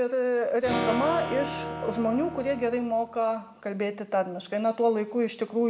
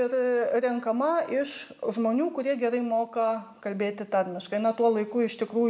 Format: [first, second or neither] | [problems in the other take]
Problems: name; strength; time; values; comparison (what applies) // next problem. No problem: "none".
second | background sound (Acoustic guitar / Strum); 7 dB below the speech